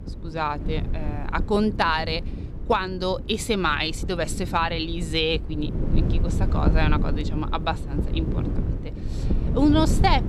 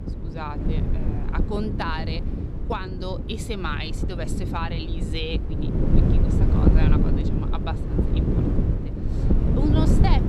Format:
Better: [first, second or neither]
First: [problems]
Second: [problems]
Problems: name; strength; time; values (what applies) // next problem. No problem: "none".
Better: first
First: wind noise on the microphone; occasional gusts; 15 dB below the speech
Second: wind noise on the microphone; heavy; 1 dB below the speech